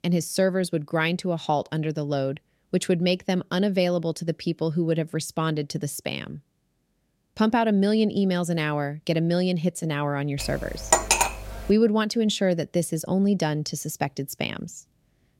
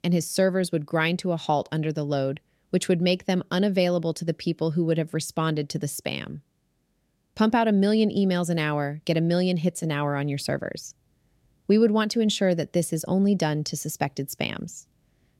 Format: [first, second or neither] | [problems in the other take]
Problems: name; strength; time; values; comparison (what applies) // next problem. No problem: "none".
second | clattering dishes; loud; from 10 to 11 s; peak 6 dB above the speech